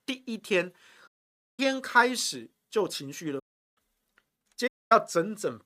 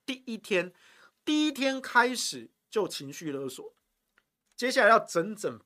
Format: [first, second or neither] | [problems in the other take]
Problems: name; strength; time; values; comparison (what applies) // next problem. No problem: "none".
second | audio cutting out; at 1 s for 0.5 s, at 3.5 s and at 4.5 s